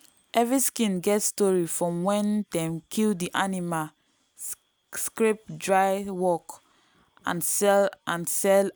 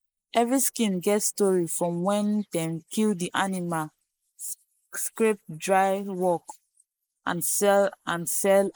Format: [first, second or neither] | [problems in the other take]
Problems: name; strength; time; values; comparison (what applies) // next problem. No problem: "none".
first | noise reduction (neural mask model Resemble Enhance denoiser)